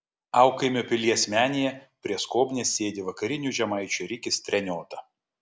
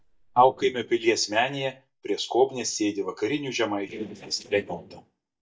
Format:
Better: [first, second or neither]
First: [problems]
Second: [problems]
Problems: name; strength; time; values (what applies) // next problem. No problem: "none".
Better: first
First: none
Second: noise reduction (neural mask model DeepFilterNet 3)